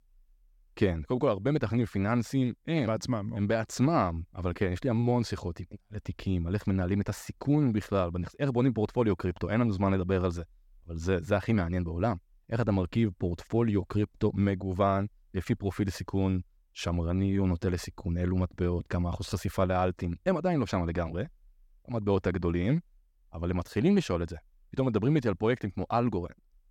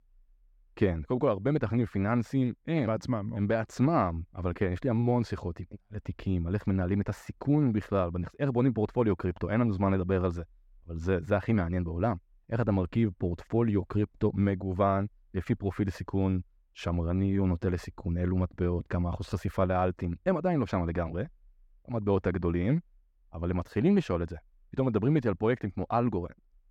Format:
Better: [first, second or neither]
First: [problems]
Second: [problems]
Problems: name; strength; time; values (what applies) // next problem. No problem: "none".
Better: first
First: none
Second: muffled; slightly; fading above 3 kHz